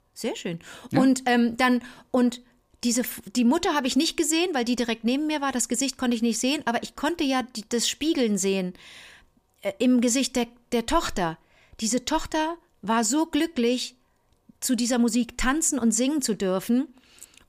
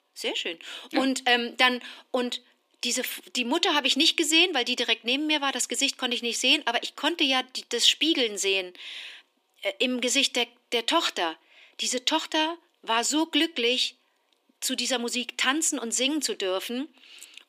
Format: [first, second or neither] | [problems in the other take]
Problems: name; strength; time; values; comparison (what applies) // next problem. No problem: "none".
first | thin; very slightly; fading below 300 Hz